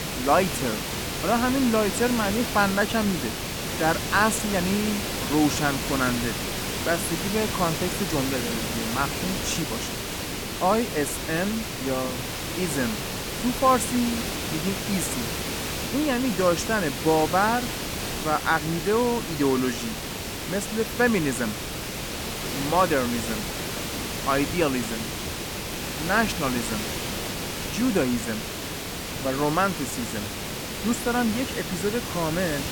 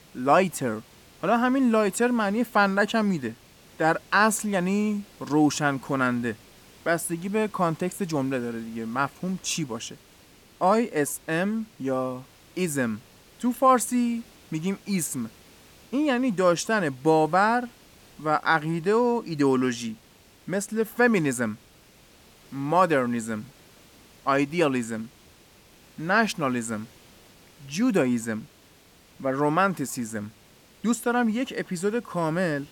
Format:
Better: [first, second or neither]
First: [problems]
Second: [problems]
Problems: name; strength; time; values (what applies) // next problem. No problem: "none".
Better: second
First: hiss; loud; throughout; 3 dB below the speech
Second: hiss; faint; throughout; 25 dB below the speech